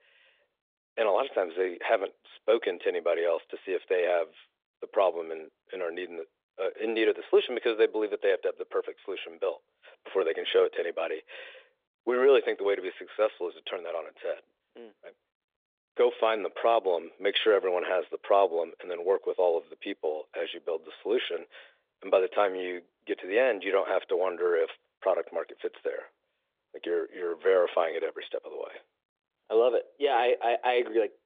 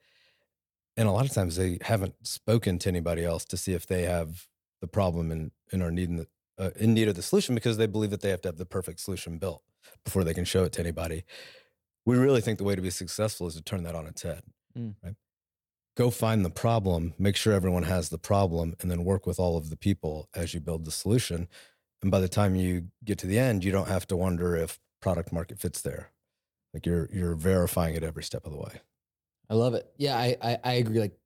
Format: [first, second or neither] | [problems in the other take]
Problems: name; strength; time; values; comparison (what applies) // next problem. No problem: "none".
second | phone-call audio